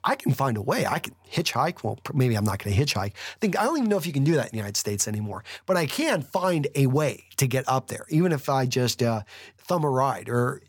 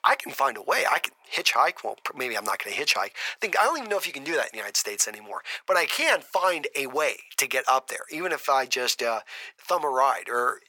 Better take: first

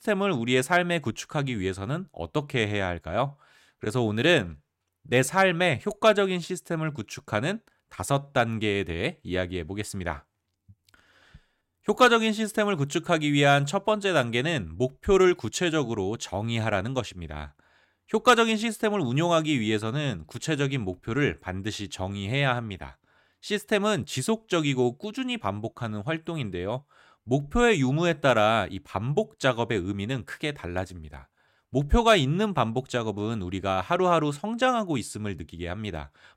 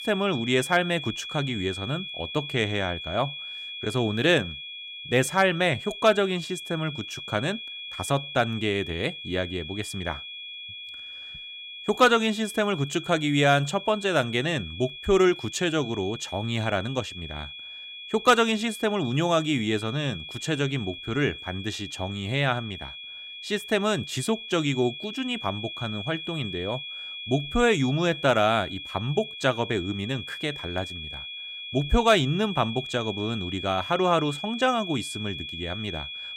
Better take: first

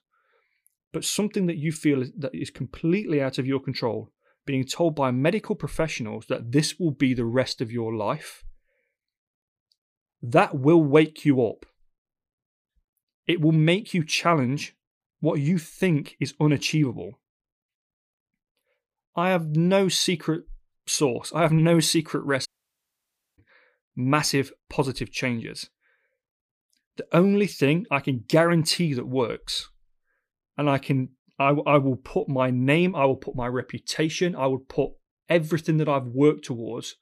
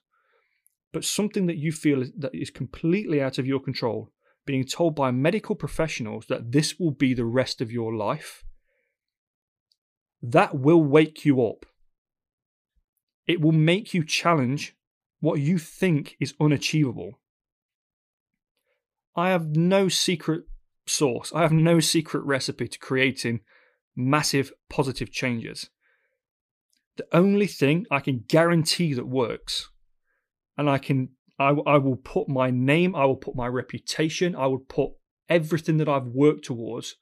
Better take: second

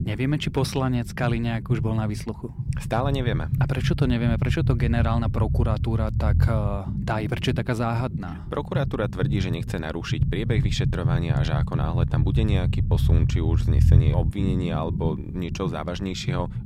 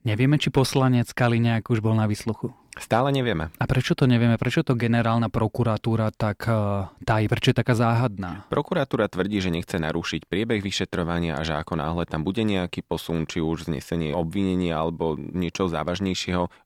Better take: second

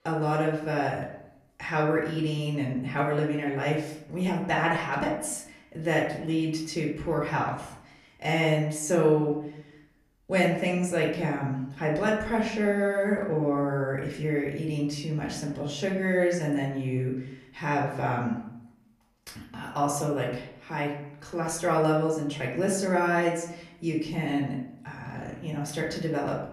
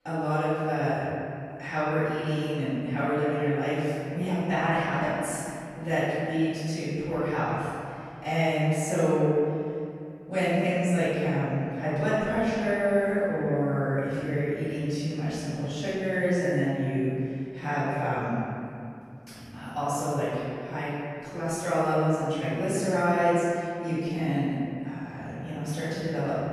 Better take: first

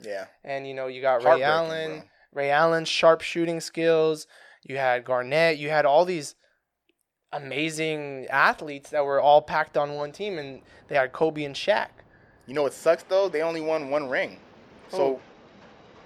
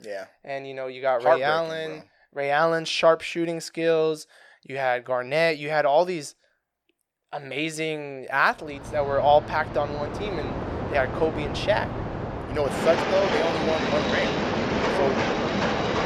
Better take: first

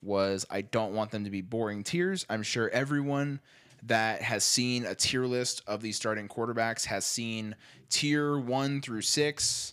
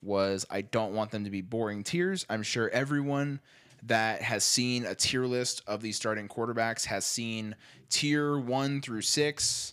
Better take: neither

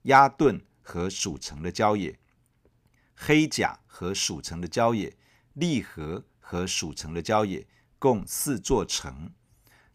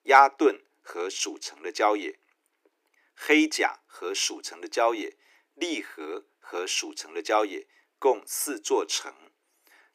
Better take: first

